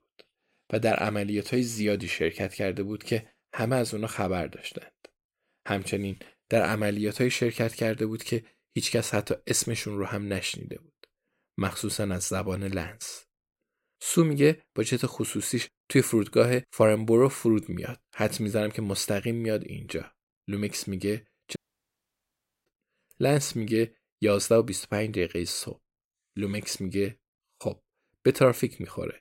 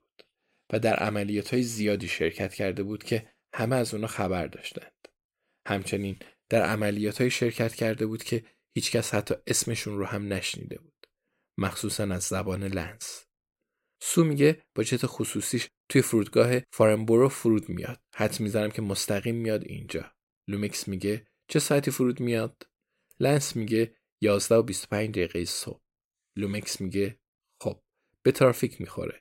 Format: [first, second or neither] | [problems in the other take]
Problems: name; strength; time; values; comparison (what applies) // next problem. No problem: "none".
second | audio cutting out; at 22 s for 1 s